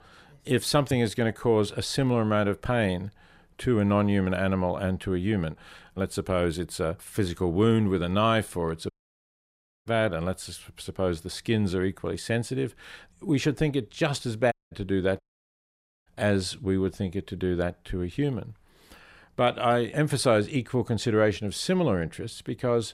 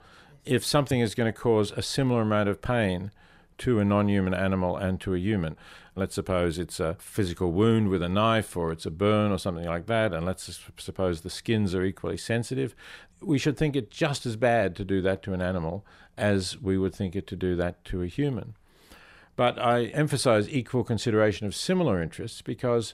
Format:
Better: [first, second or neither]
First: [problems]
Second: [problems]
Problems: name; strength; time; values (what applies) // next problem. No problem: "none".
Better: second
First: audio cutting out; at 9 s for 1 s and at 15 s for 1 s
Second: none